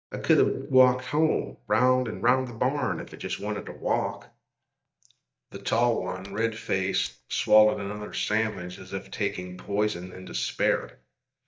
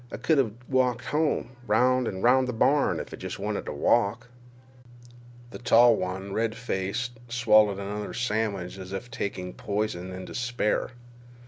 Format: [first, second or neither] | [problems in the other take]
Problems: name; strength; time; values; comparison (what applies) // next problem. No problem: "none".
second | noise reduction (neural mask model DeepFilterNet 3)